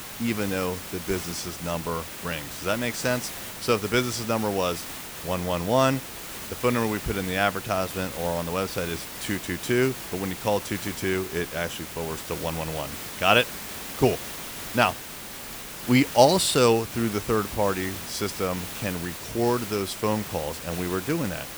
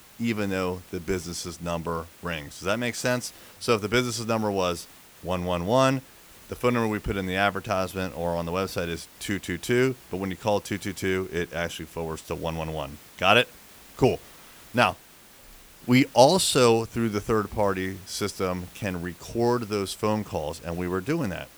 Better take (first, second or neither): second